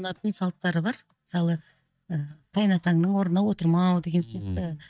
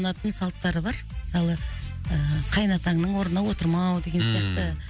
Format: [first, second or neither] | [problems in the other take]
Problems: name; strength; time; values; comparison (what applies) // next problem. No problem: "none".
second | noise reduction (neural mask model DeepFilterNet 3)